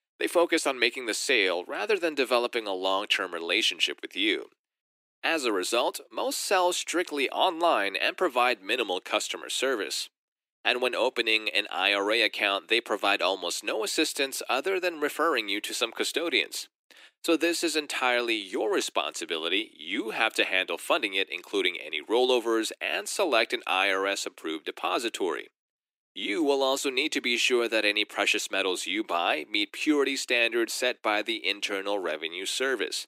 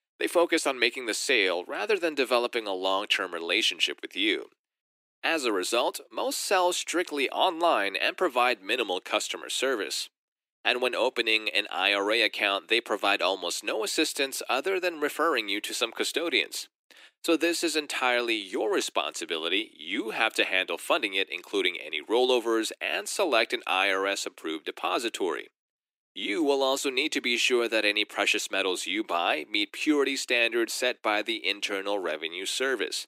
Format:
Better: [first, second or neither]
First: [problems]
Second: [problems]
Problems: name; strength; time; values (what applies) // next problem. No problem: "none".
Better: neither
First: thin; very; fading below 300 Hz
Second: thin; very; fading below 300 Hz